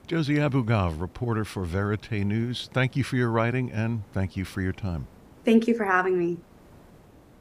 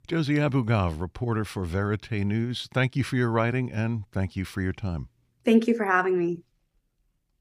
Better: second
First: hiss; faint; throughout; 25 dB below the speech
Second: none

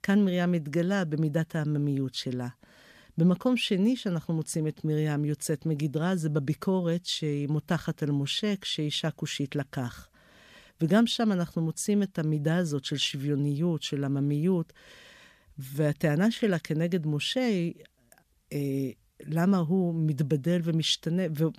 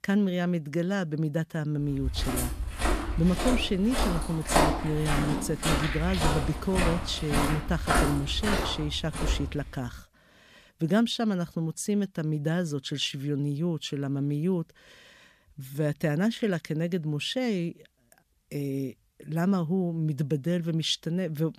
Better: first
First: none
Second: footsteps; loud; from 2 to 9.5 s; peak 5 dB above the speech

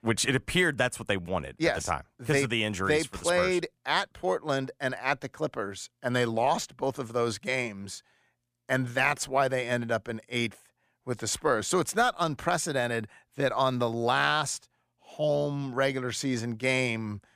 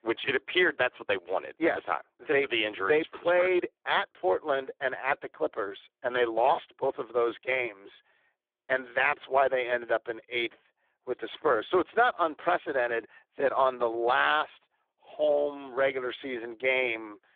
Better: first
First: none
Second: phone-call audio; poor line; nothing above 3.5 kHz

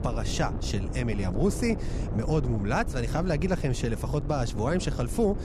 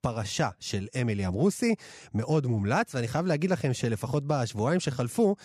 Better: second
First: wind noise on the microphone; occasional gusts; 10 dB below the speech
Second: none

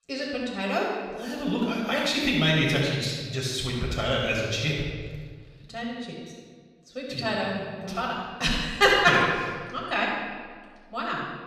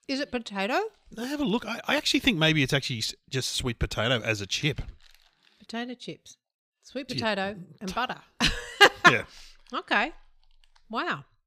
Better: second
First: off-mic speech; far // room echo; noticeable; dies away in 1.5 s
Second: none

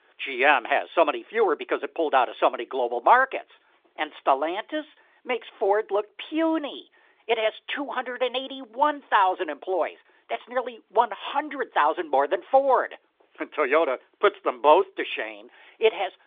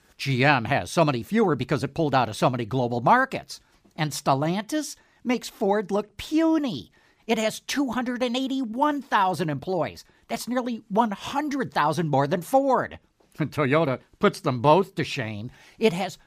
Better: second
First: phone-call audio; nothing above 3.5 kHz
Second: none

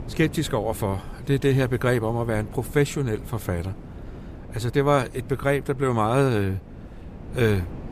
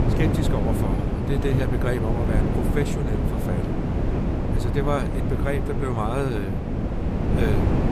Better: first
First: wind noise on the microphone; occasional gusts; 20 dB below the speech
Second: wind noise on the microphone; heavy; 1 dB below the speech

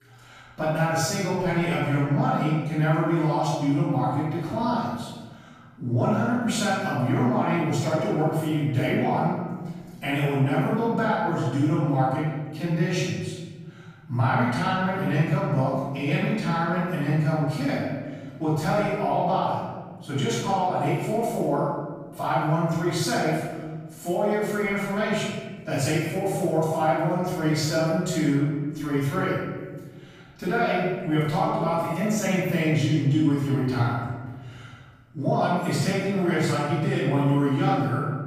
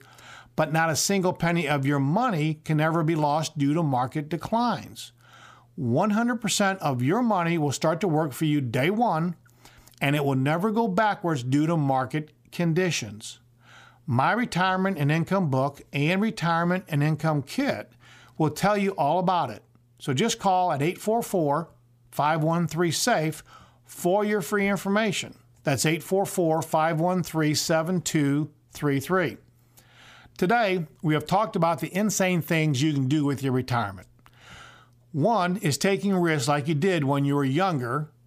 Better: second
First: room echo; strong; dies away in 1.4 s // off-mic speech; far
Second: none

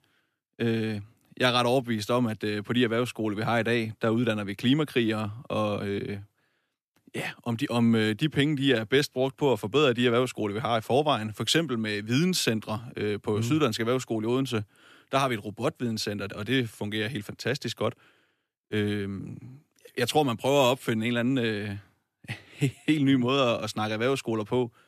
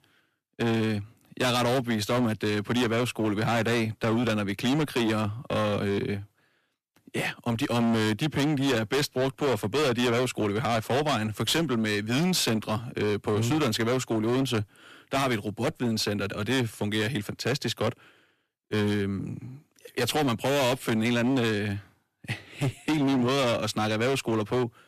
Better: first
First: none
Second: distortion; heavy; 20% of the sound clipped

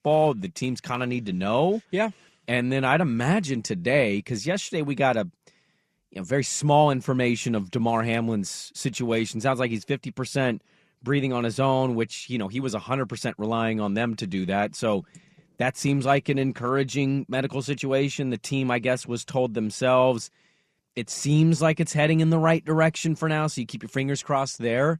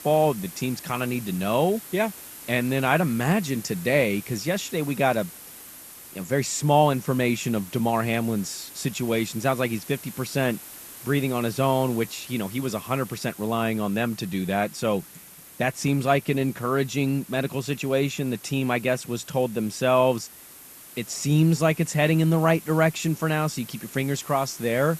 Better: first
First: none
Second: hiss; noticeable; throughout; 15 dB below the speech

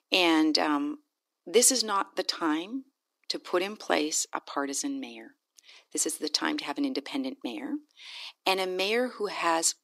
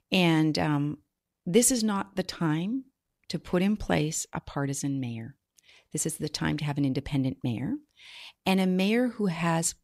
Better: second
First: thin; somewhat; fading below 300 Hz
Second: none

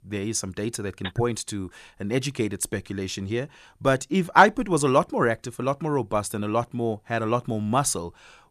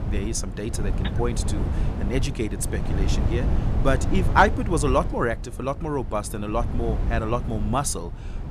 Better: first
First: none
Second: wind noise on the microphone; occasional gusts; 10 dB below the speech

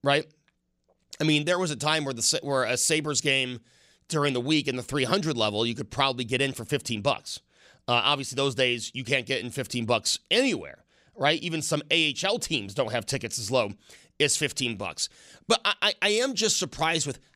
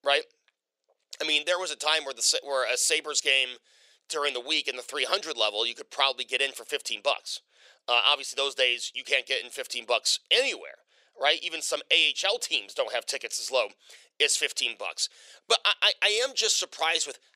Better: first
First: none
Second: thin; very; fading below 500 Hz

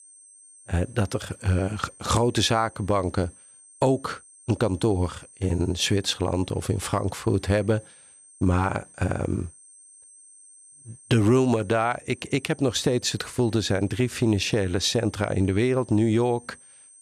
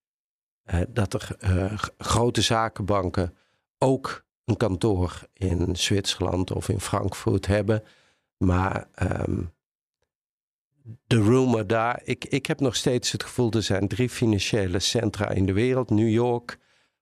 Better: second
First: high-pitched whine; faint; throughout; 8.5 kHz, 25 dB below the speech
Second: none

